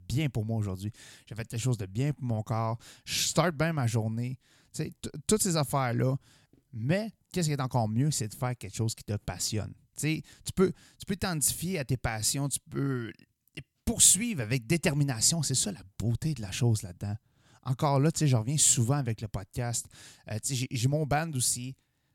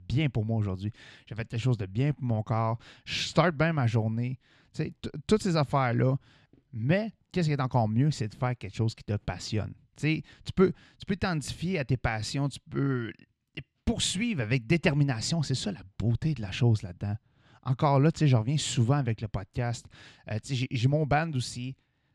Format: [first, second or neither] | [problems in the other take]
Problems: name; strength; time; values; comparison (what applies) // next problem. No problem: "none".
first | muffled; slightly; fading above 3 kHz